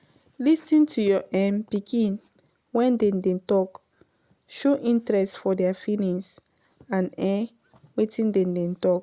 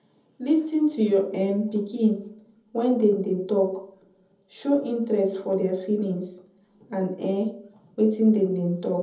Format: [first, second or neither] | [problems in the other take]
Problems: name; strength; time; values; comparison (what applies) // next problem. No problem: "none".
first | room echo; dies away in 0.7 s